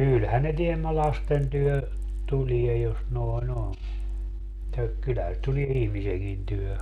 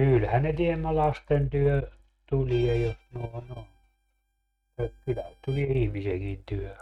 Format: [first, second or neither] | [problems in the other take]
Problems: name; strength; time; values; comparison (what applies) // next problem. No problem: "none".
first | noise reduction (neural mask model RNNoise)